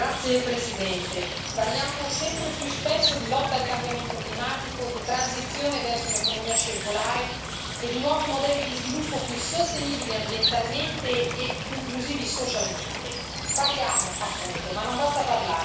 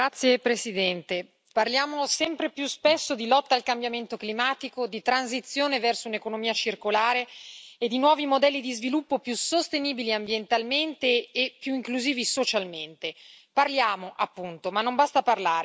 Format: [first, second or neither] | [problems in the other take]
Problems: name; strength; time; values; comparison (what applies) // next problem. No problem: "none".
second | background sound (Water / Bird); 2 dB below the speech // room echo; dies away in 0.7 s